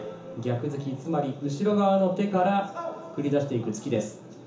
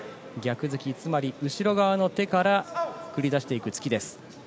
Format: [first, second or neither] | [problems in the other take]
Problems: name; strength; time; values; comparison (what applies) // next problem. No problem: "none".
second | room echo; dies away in 0.7 s